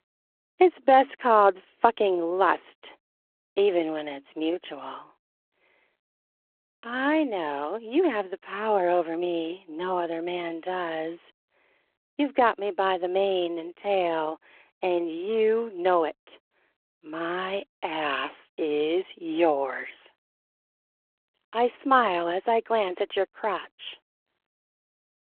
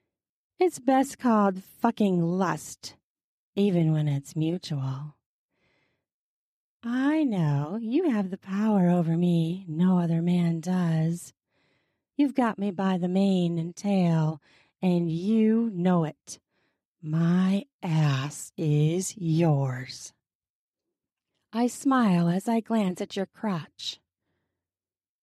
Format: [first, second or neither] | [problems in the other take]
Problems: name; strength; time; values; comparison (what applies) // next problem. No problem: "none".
second | phone-call audio